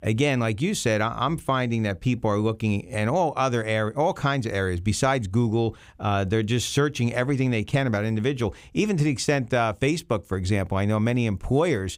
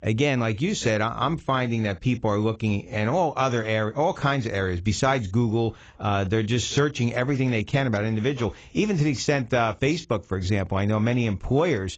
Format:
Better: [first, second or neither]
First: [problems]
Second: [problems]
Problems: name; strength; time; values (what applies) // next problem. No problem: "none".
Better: first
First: none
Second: garbled, watery; badly; nothing above 7.5 kHz